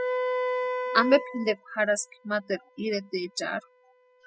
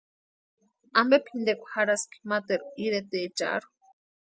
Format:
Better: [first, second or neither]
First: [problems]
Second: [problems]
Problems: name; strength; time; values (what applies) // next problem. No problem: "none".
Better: second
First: noise reduction (classical method spectral subtraction)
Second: none